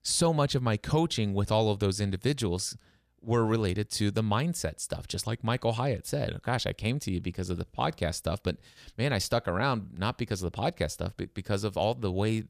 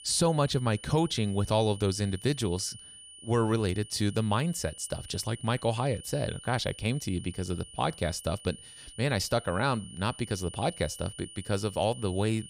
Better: first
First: none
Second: high-pitched whine; noticeable; throughout; 3 kHz, 15 dB below the speech

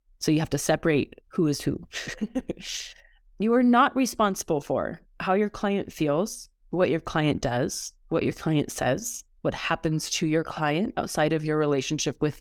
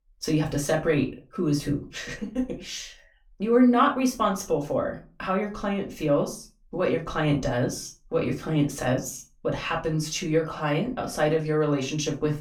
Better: first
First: none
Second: off-mic speech; far // room echo; very slight; dies away in 0.3 s

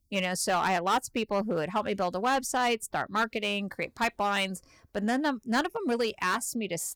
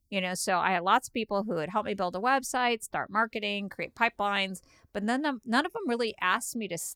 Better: second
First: distortion; slight; 5% of the sound clipped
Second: none

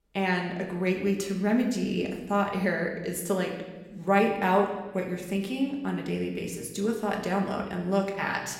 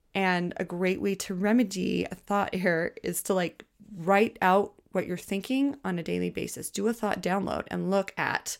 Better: second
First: room echo; slight; dies away in 1 s // off-mic speech; somewhat distant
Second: none

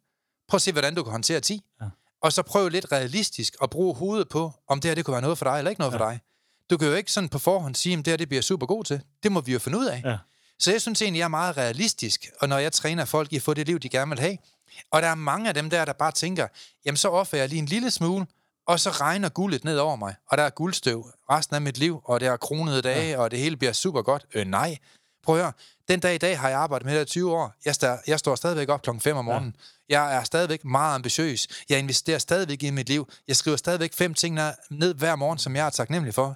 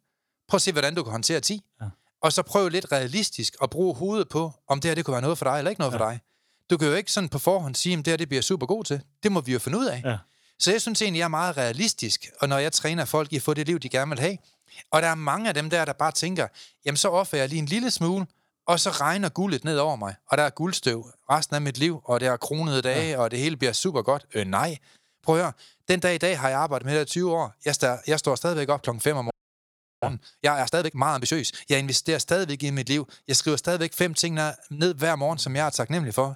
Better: first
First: none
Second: audio freezing; at 29 s for 0.5 s

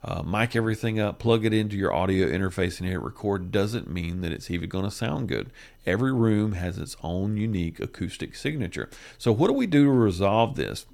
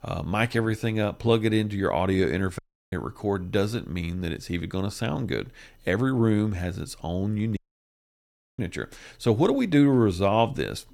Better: first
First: none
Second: audio cutting out; at 2.5 s and at 7.5 s for 1 s

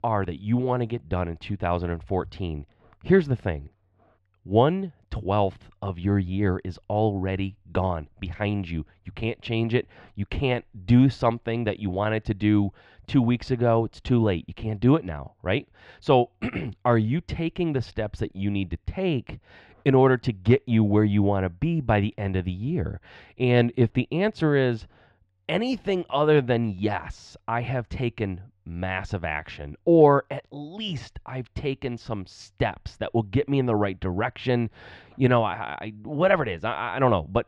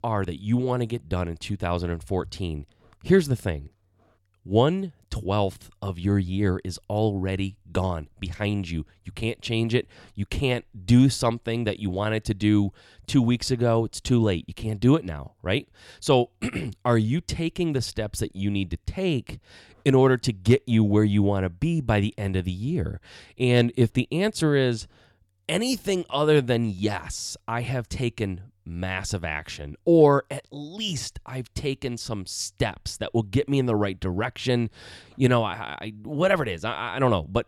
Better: second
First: muffled; slightly; fading above 2.5 kHz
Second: none

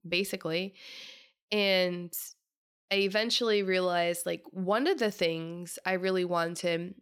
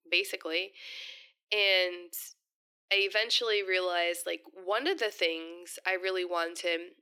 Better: first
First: none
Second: thin; very; fading below 300 Hz

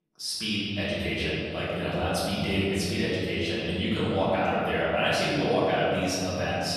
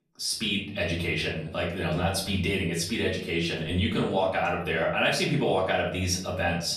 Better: second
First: room echo; strong; dies away in 3 s // off-mic speech; far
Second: room echo; slight; dies away in 0.5 s // off-mic speech; far

